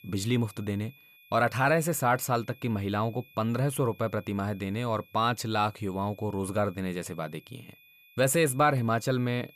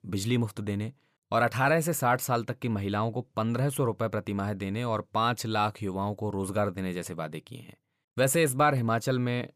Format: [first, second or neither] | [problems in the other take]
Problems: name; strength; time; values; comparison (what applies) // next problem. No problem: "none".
second | high-pitched whine; faint; throughout; 2.5 kHz, 25 dB below the speech